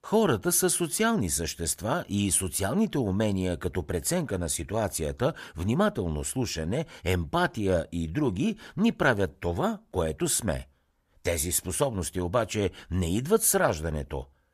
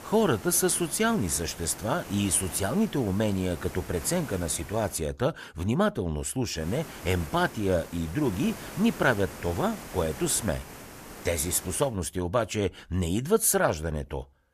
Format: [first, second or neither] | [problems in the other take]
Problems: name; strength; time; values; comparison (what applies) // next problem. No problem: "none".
first | hiss; noticeable; until 5 s and from 6.5 to 12 s; 15 dB below the speech